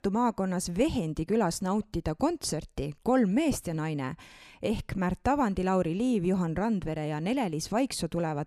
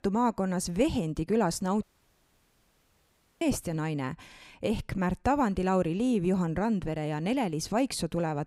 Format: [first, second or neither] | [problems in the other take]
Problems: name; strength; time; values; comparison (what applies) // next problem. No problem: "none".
first | audio cutting out; at 2 s for 1.5 s